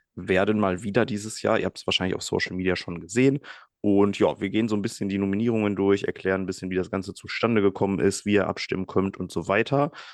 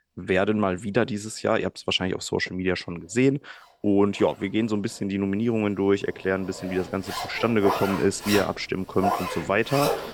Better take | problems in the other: first | household noises; loud; throughout; 5 dB below the speech

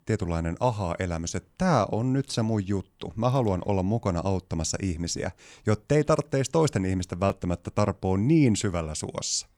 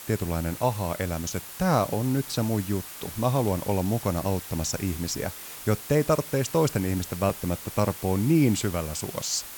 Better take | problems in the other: first | hiss; noticeable; throughout; 10 dB below the speech

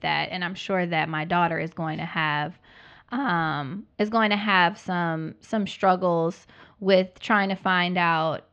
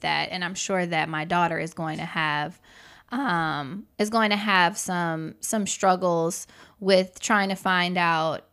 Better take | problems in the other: second | muffled; slightly; fading above 4 kHz

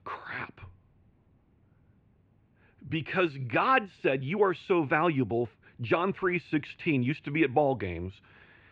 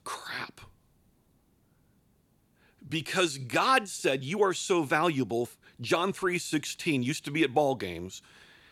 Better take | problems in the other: second | muffled; very; fading above 2.5 kHz

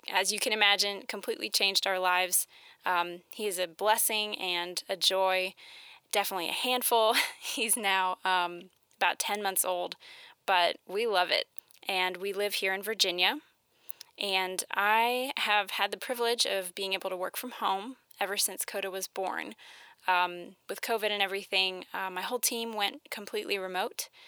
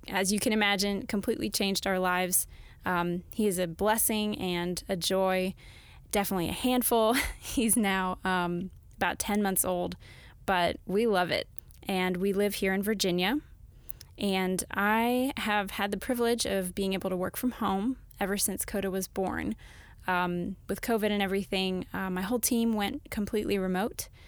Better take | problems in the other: second | thin; very; fading below 550 Hz

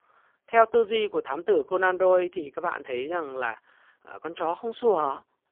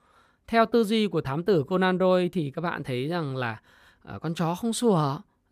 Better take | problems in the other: second | phone-call audio; poor line; nothing above 3 kHz

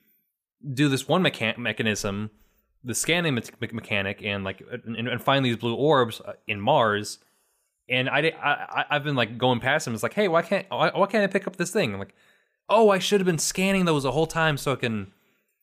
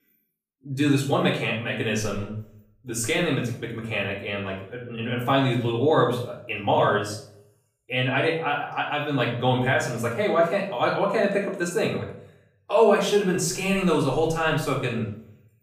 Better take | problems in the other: first | off-mic speech; far // room echo; noticeable; dies away in 0.5 s

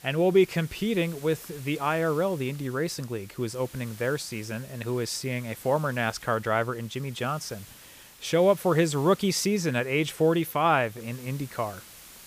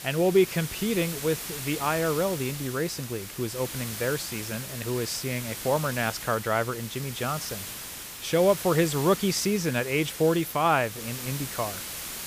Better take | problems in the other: first | hiss; loud; throughout; 8 dB below the speech; faint in the first

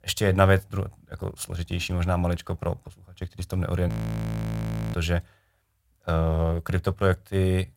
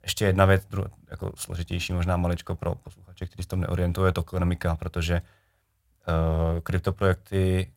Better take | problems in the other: second | audio freezing; at 4 s for 1 s

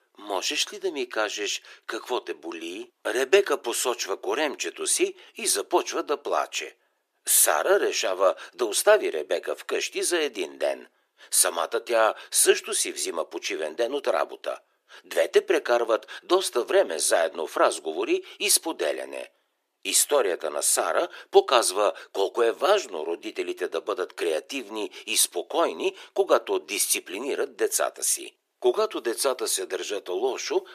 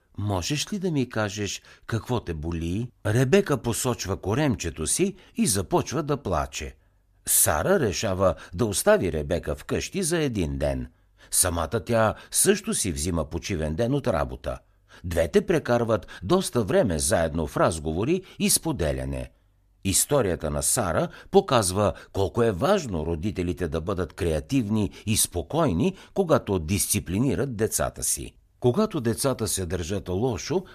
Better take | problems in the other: second | thin; very; fading below 350 Hz

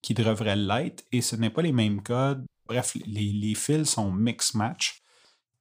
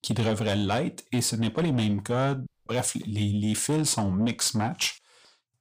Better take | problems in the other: first | distortion; slight; 10 dB below the speech

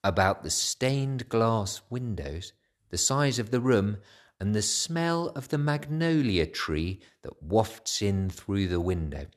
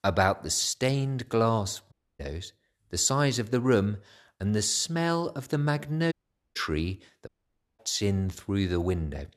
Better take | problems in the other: first | audio cutting out; at 2 s, at 6 s and at 7.5 s for 0.5 s

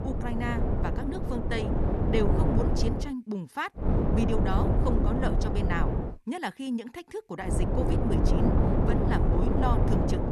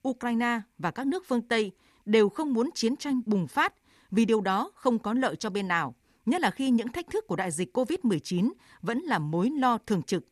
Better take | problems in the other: second | wind noise on the microphone; heavy; until 3 s, from 4 to 6 s and from 7.5 s on; 1 dB above the speech

